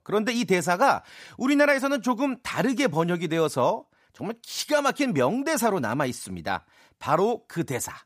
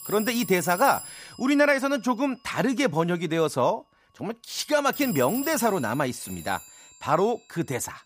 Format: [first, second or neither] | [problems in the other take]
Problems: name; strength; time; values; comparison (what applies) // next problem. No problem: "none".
first | alarms or sirens; noticeable; throughout; 10 dB below the speech